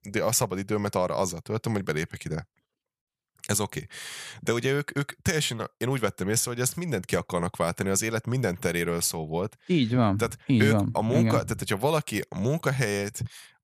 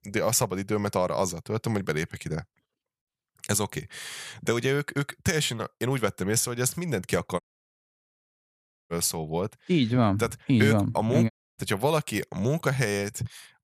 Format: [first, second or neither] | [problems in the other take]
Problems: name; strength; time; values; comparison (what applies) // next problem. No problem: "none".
first | audio cutting out; at 7.5 s for 1.5 s and at 11 s